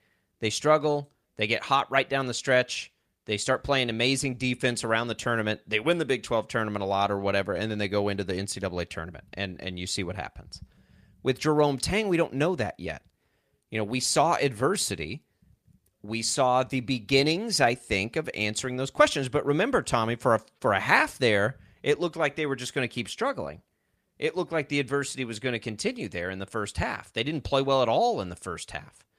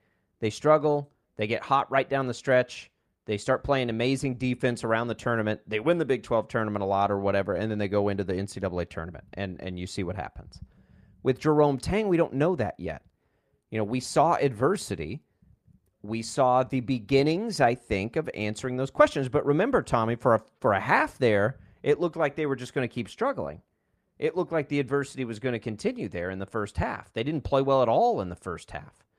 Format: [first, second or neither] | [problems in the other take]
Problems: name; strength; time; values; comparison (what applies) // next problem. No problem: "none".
first | muffled; slightly; fading above 2 kHz